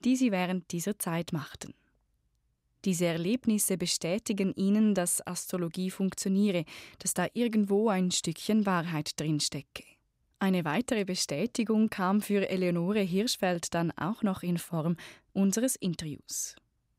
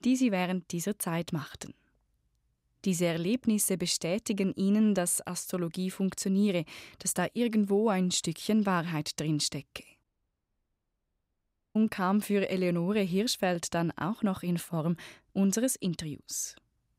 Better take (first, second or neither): first